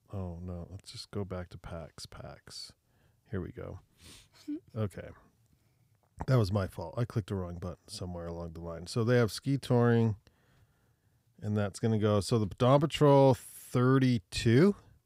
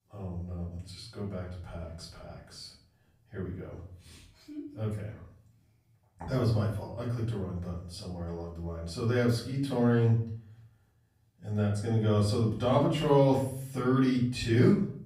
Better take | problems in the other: first | off-mic speech; far // room echo; noticeable; dies away in 0.5 s

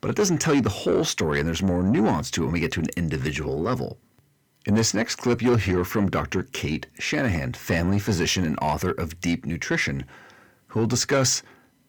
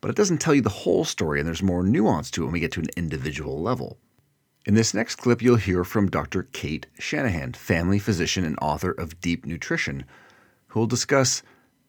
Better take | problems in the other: second | distortion; slight; 10 dB below the speech

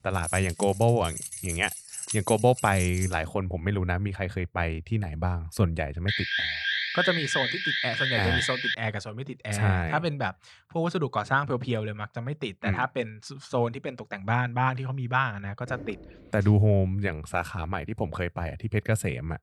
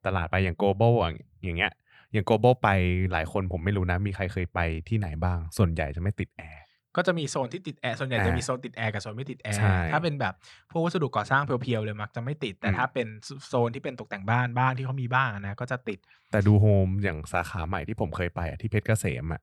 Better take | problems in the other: second | jangling keys; noticeable; until 3 s; peak 4 dB below the speech // alarm; loud; from 6 to 9 s; peak 2 dB above the speech // door banging; faint; at 16 s; peak 15 dB below the speech

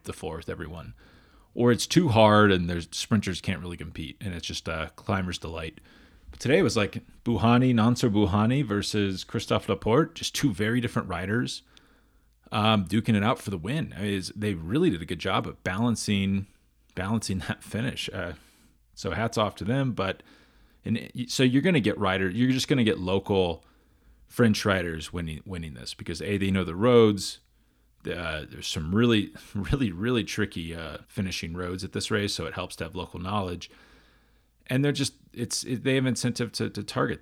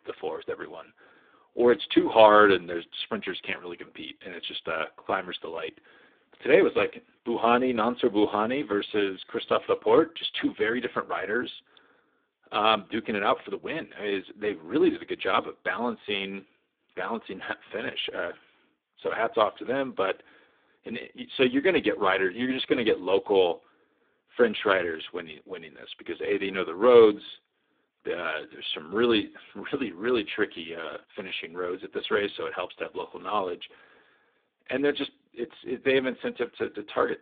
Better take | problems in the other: first | phone-call audio; poor line

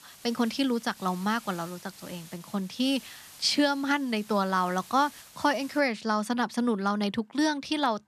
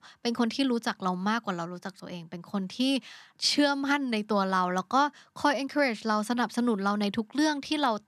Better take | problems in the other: second | hiss; noticeable; until 6 s; 20 dB below the speech

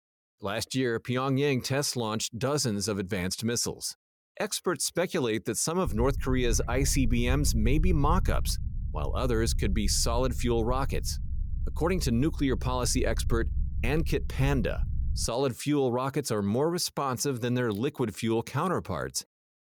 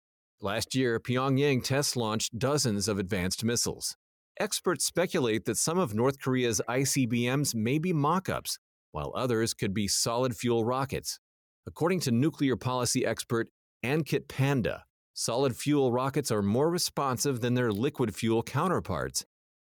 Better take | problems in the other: second | low rumble; faint; from 6 to 15 s; 20 dB below the speech

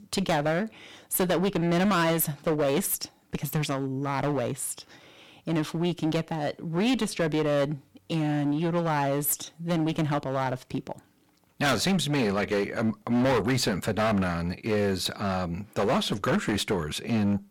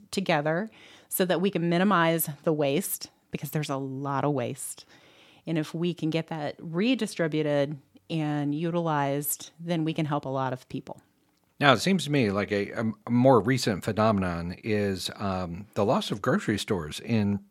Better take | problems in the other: second | distortion; heavy; 13% of the sound clipped

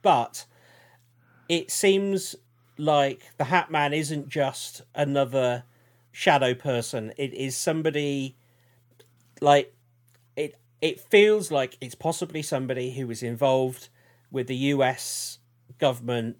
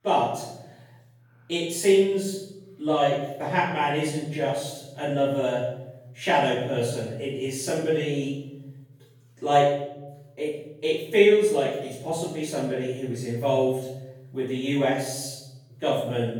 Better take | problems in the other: first | off-mic speech; far // room echo; noticeable; dies away in 0.9 s

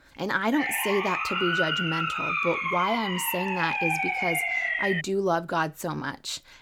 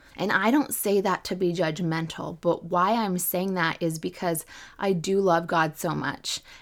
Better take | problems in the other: second | siren; loud; from 0.5 to 5 s; peak 4 dB above the speech

